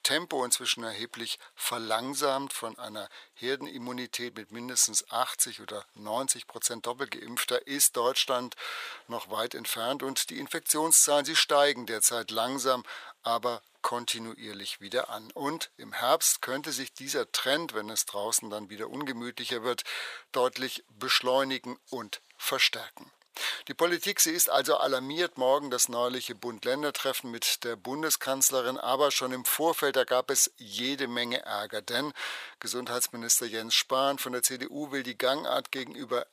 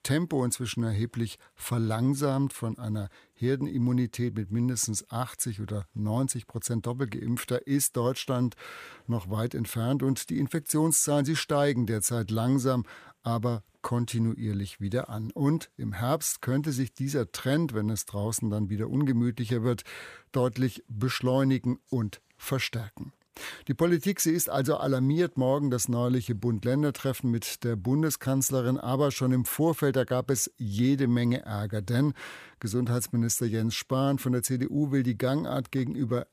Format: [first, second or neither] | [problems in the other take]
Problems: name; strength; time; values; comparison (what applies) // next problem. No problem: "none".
second | thin; very; fading below 700 Hz